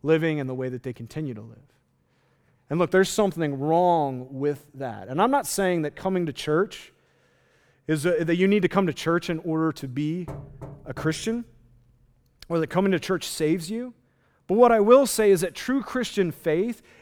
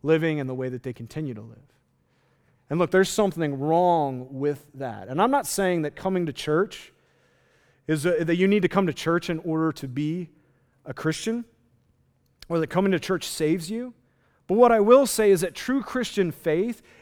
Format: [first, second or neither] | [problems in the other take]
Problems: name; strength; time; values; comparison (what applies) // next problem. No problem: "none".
second | door banging; faint; from 10 to 12 s; peak 15 dB below the speech